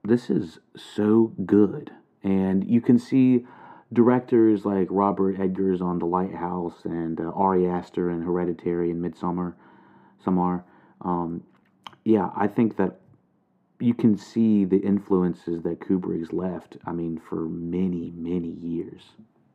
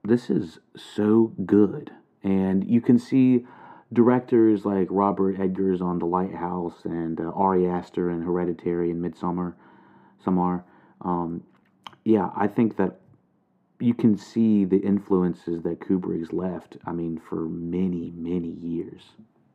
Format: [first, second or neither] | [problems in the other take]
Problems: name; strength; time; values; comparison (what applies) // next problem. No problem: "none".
neither | muffled; very; fading above 2 kHz; the same in both